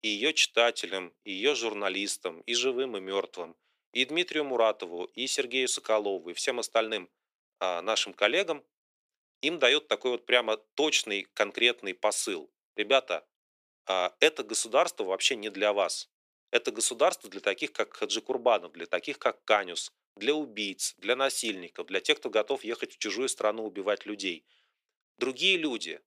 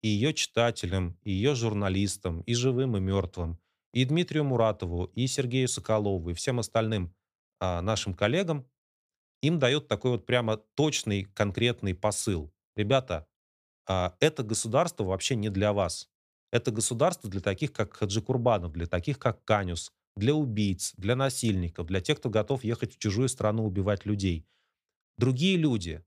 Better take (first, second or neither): second